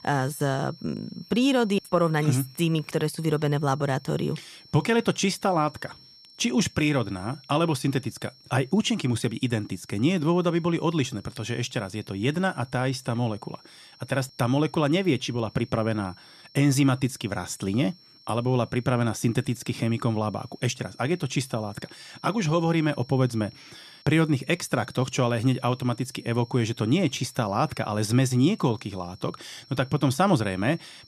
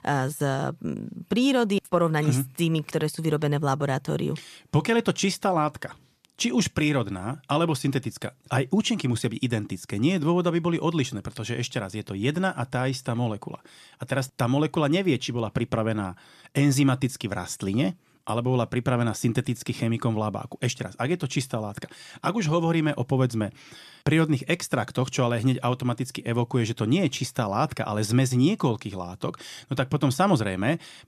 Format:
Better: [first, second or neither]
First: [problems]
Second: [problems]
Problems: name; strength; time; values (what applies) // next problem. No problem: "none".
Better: second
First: high-pitched whine; faint; throughout; 5.5 kHz, 25 dB below the speech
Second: none